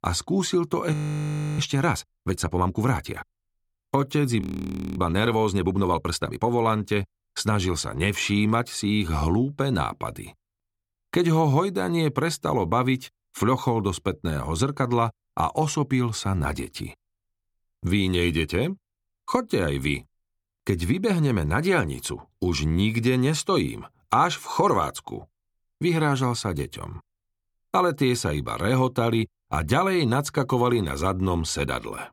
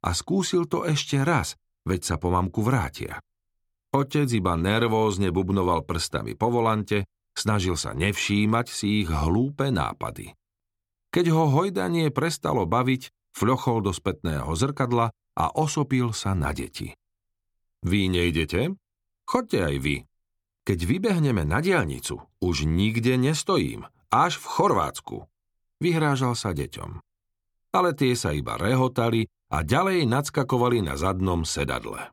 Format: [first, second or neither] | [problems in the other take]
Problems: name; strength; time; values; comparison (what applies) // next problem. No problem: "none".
second | audio freezing; at 1 s for 0.5 s and at 4.5 s for 0.5 s